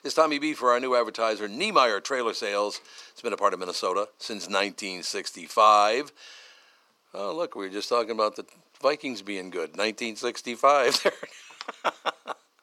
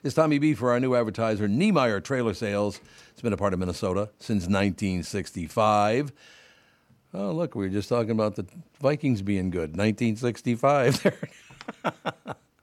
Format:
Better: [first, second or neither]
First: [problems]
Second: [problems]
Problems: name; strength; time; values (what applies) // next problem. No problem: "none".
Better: second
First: thin; very; fading below 400 Hz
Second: none